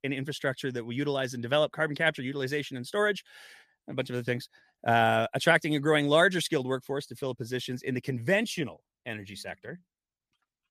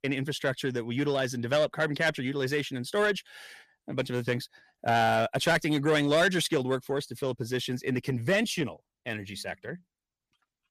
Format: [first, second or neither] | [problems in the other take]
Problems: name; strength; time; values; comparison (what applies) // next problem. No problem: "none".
first | distortion; slight; 10 dB below the speech